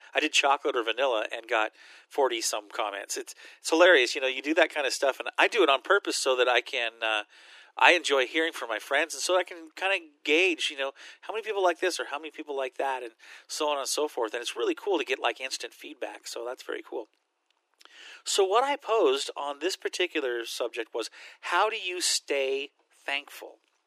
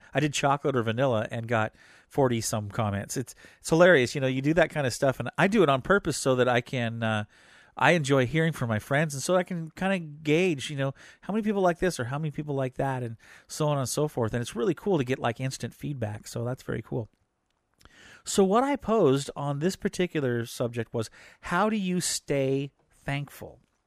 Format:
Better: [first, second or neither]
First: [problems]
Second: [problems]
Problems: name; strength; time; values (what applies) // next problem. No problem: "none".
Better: second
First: thin; very; fading below 300 Hz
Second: none